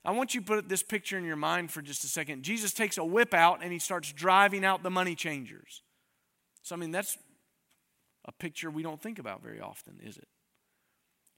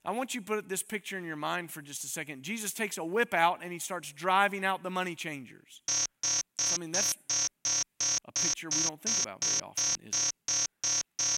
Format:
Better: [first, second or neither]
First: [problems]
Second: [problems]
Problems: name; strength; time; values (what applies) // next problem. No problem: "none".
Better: first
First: none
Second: alarm; loud; from 6 s on; peak 5 dB above the speech